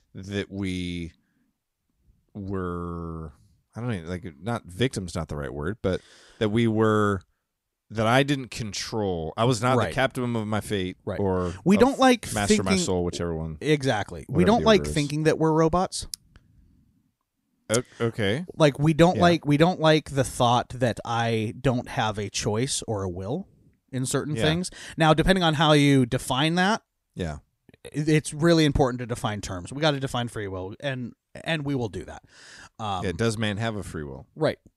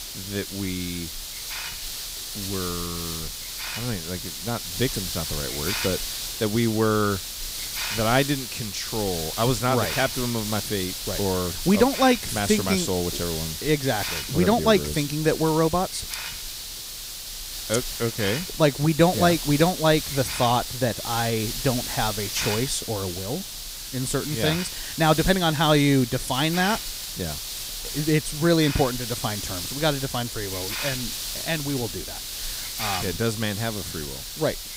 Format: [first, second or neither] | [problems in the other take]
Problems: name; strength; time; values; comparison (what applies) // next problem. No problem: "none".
first | hiss; loud; throughout; 5 dB below the speech